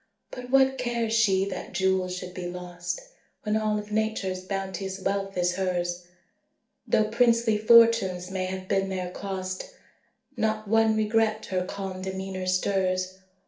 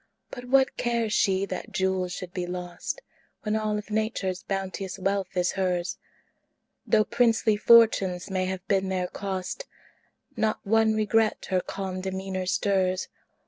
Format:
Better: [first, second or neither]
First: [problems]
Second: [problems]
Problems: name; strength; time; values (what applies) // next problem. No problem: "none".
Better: second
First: room echo; dies away in 0.4 s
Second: none